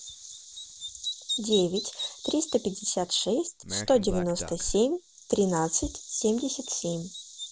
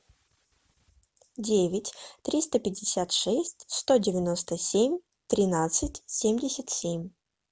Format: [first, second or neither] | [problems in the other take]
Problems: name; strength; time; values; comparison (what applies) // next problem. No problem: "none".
second | background sound (Bird vocalization, bird call, bird song); 10 dB below the speech